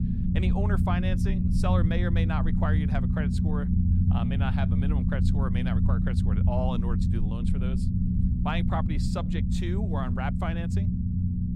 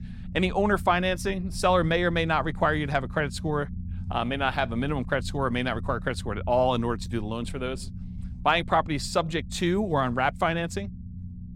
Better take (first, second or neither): second